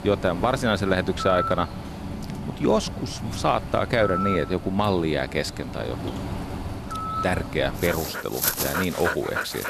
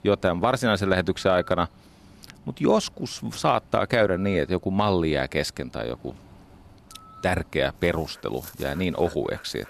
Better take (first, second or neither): second